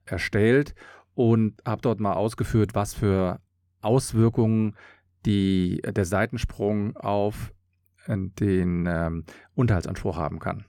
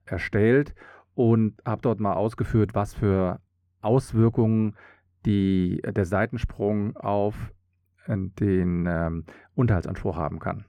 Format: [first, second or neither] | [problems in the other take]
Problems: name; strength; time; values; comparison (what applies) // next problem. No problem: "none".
first | muffled; slightly; fading above 3 kHz